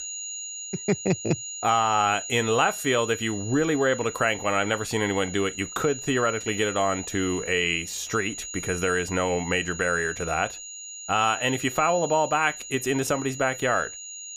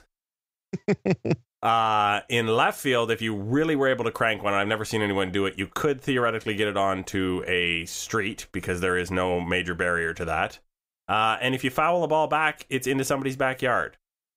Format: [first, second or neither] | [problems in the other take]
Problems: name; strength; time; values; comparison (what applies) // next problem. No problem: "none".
second | high-pitched whine; loud; throughout; 7 kHz, 9 dB below the speech